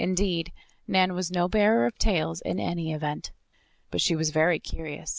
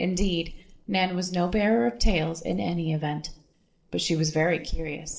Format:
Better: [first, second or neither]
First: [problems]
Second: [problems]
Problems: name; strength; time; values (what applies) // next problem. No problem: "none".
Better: first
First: none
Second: noise reduction (neural separator model SepFormer DNS4)